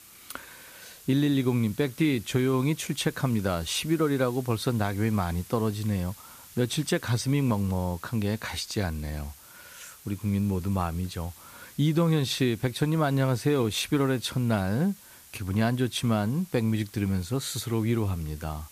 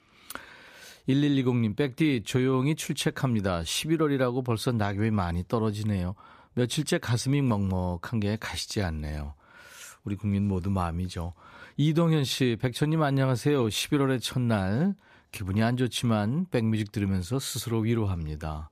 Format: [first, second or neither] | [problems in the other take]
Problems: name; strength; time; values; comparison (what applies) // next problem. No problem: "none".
second | hiss; noticeable; throughout; 20 dB below the speech